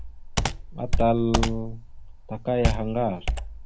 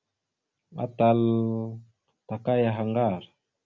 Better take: second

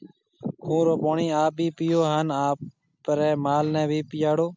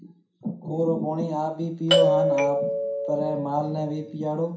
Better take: first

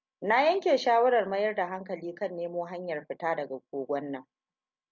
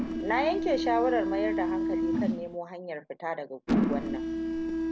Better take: first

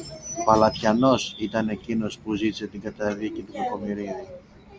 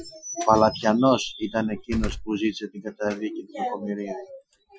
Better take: first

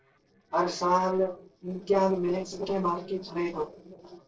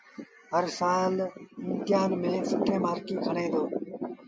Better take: second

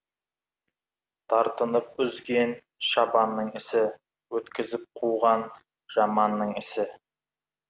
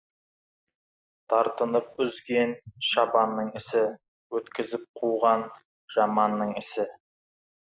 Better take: first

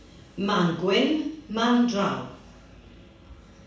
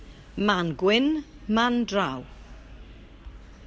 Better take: second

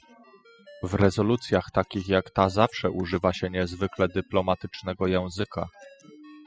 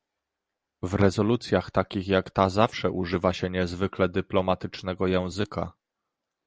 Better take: second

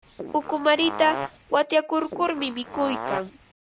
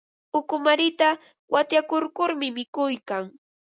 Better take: second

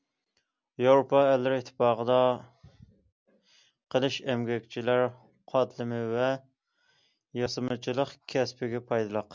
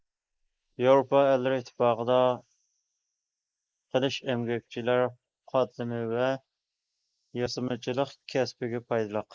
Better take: first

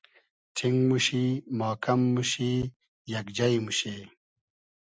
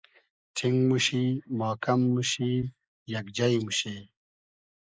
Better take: first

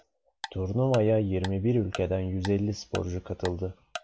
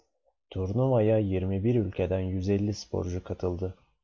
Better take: second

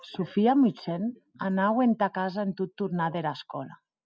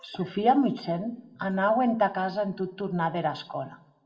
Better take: first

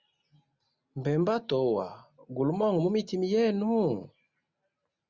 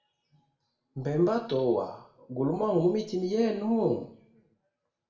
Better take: first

